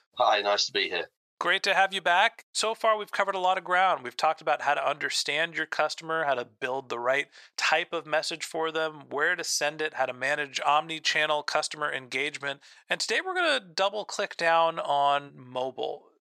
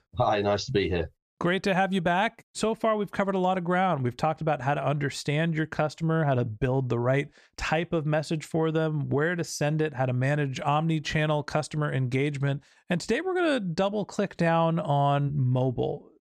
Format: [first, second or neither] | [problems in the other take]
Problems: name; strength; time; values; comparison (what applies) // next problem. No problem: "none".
second | thin; very; fading below 750 Hz